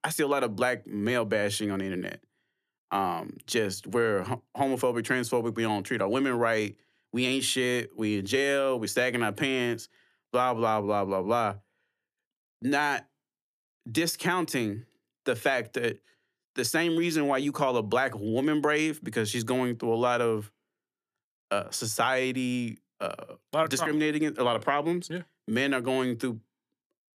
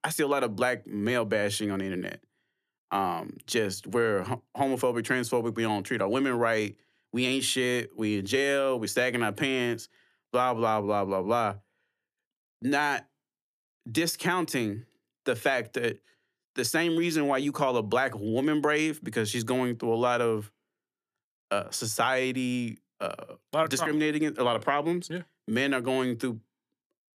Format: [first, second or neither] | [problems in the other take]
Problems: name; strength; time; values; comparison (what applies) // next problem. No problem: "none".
neither | none